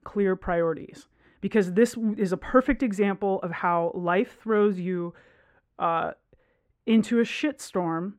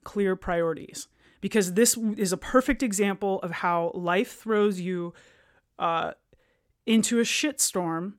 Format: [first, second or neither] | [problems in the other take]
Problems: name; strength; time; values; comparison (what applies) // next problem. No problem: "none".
second | muffled; very; fading above 3.5 kHz